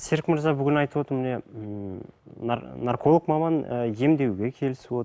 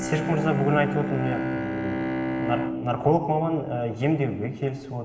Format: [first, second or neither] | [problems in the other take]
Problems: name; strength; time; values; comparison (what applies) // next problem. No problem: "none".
first | background sound (Bowed string instrument); 4 dB below the speech // room echo; dies away in 2.5 s